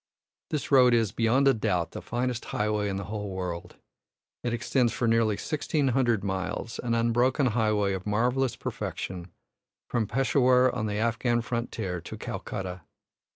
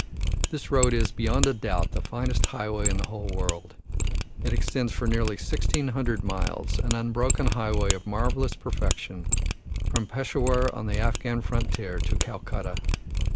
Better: first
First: none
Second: background sound (Mechanisms); 4 dB above the speech

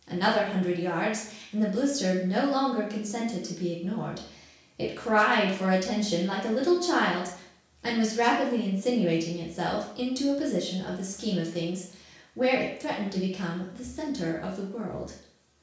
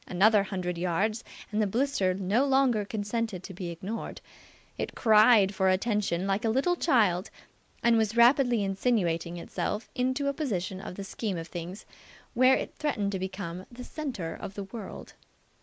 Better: second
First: room echo; dies away in 0.6 s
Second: none

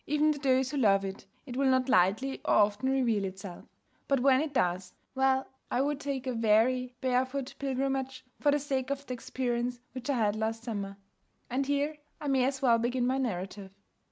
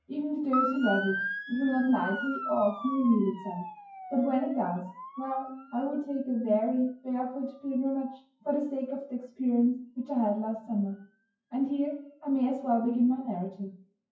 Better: first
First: none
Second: noise reduction (classical method WPE with log-MMSE)

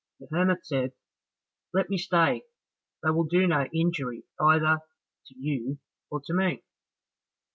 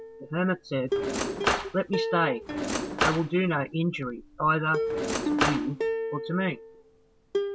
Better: first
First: none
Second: background sound (Plucked string instrument + Cutlery, silverware / Drawer open or close); 1 dB below the speech

